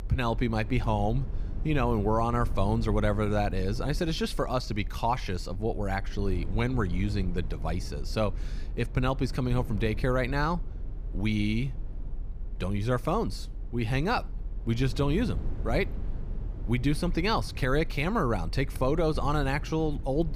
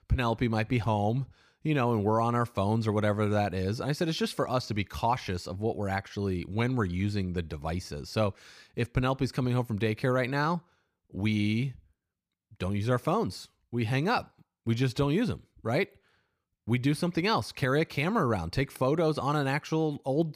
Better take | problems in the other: second | low rumble; faint; throughout; 20 dB below the speech

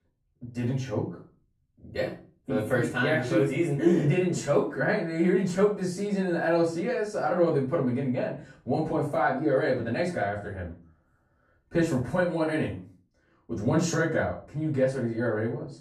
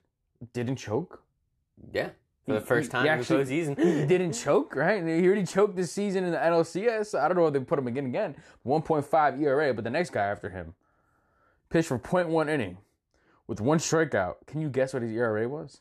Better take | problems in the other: second | off-mic speech; far // room echo; slight; dies away in 0.3 s

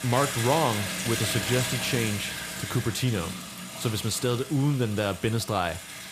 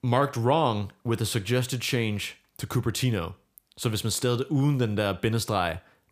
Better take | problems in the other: second | household noises; loud; throughout; 5 dB below the speech

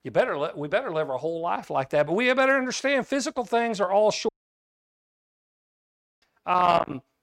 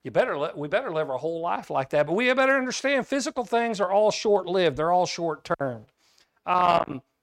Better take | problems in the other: second | audio cutting out; at 4.5 s for 2 s

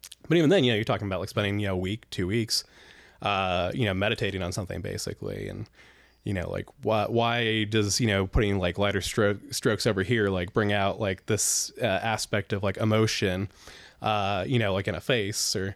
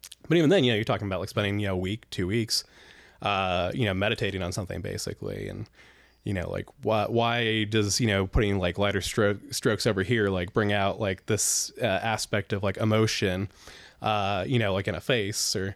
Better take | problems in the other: neither | none

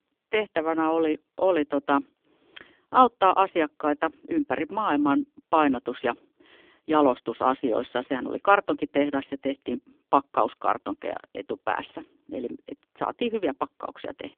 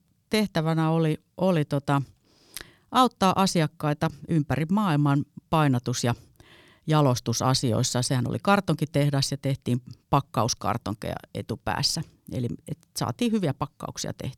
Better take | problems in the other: second | phone-call audio; poor line; nothing above 3.5 kHz

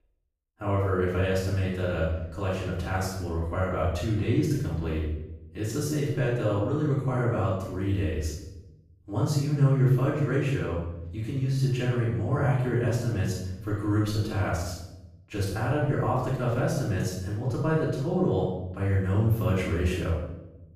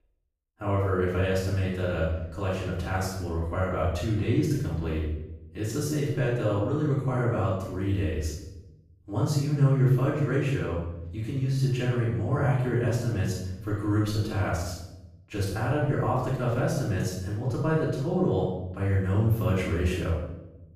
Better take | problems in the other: neither | room echo; noticeable; dies away in 0.8 s; the same in both // off-mic speech; far; the same in both

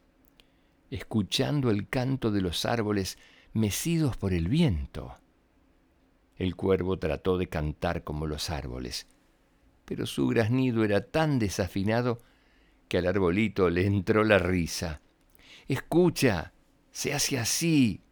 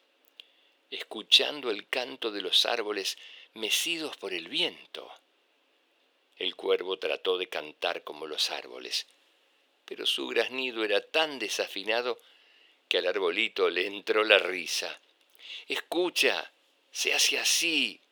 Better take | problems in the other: first | thin; very; fading below 400 Hz

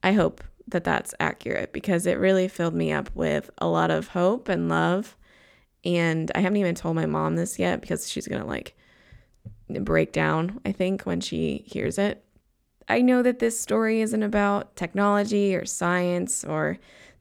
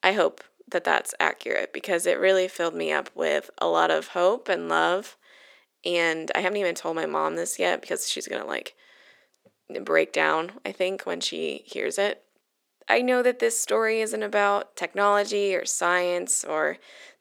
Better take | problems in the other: first | thin; very; fading below 400 Hz

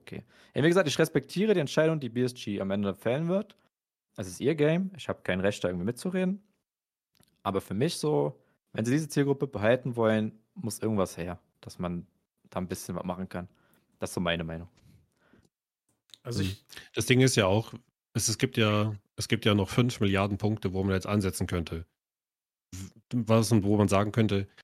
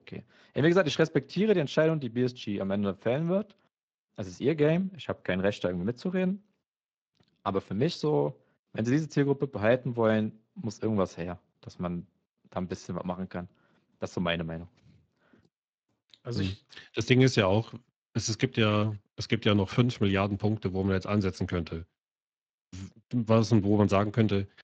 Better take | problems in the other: first | garbled, watery; slightly

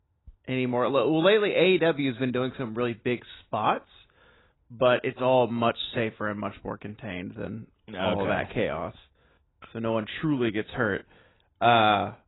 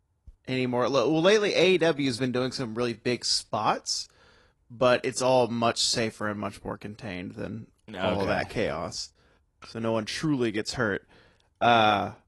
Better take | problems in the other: second | garbled, watery; badly; nothing above 4 kHz; slightly in the second

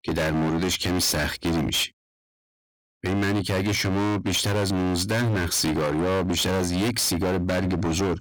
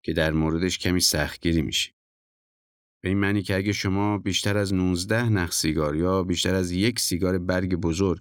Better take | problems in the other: second | distortion; heavy; 32% of the sound clipped

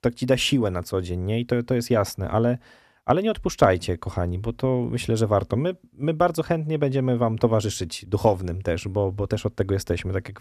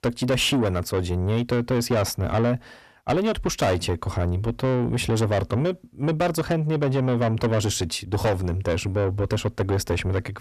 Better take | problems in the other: first | distortion; heavy; 7 dB below the speech

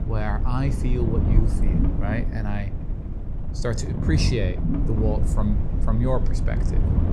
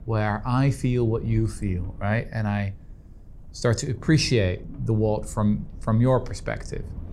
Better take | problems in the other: second | low rumble; loud; throughout; 5 dB below the speech; faint in the second

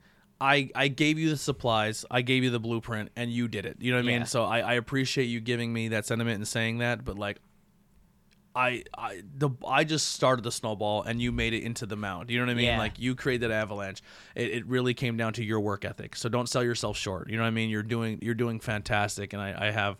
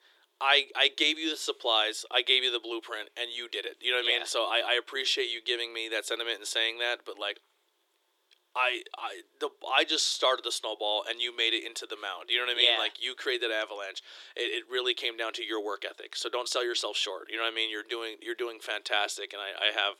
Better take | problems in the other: first | thin; very; fading below 350 Hz

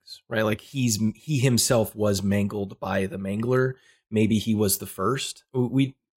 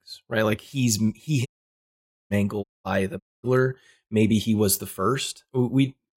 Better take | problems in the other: first | audio cutting out; at 1.5 s for 1 s, at 2.5 s and at 3 s

